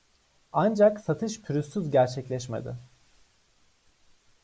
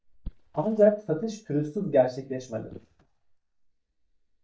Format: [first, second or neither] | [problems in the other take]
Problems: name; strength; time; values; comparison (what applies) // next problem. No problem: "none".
first | noise reduction (neural mask model DeepFilterNet 3)